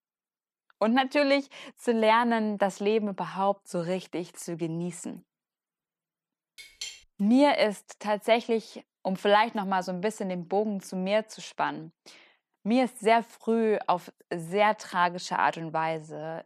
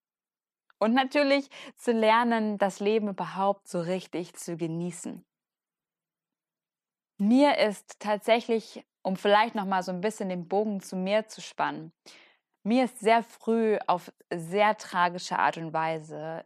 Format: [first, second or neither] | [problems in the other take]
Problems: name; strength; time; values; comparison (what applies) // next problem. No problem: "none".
second | clattering dishes; faint; at 6.5 s; peak 10 dB below the speech